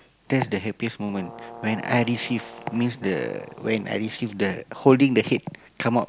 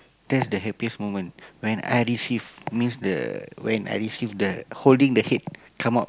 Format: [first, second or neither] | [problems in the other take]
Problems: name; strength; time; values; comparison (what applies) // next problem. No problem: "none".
second | background sound (Brass instrument); 18 dB below the speech